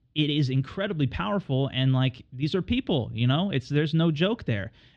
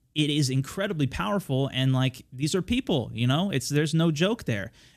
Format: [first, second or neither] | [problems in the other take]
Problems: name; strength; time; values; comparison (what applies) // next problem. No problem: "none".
second | muffled; slightly; fading above 4 kHz